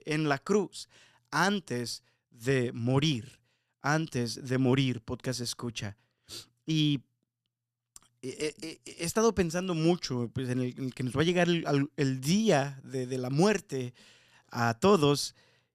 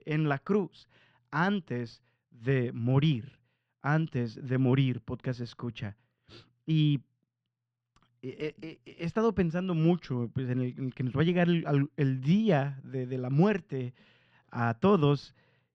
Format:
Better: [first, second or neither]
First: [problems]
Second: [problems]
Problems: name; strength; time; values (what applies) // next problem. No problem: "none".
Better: first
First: none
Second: muffled; slightly; fading above 3 kHz